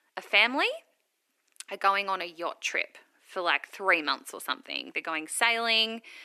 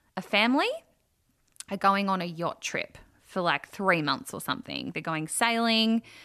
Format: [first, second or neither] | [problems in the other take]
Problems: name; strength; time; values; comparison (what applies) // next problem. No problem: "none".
second | thin; somewhat; fading below 350 Hz